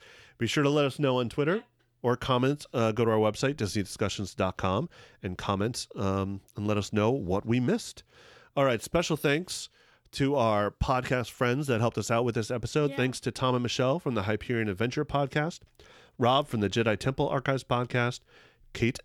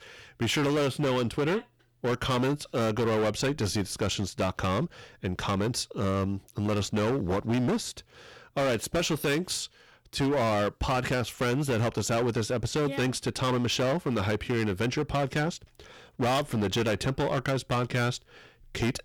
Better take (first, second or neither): first